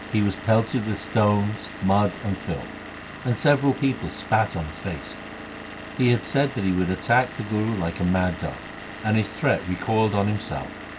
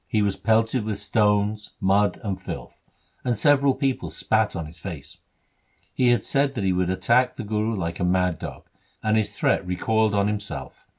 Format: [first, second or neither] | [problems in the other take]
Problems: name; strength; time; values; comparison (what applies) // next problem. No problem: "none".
second | background sound (Engine / Vehicle); 13 dB below the speech